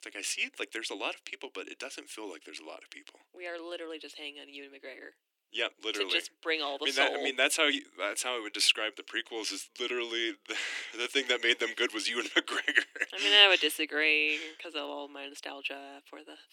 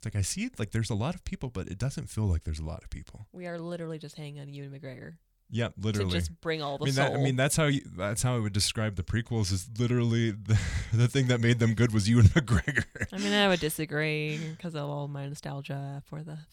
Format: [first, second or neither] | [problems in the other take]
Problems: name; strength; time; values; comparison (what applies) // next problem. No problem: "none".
second | thin; very; fading below 300 Hz